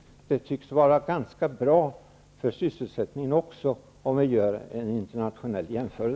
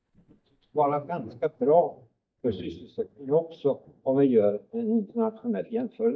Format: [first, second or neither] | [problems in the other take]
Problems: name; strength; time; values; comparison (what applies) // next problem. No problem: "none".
first | noise reduction (neural mask model DeepFilterNet 3)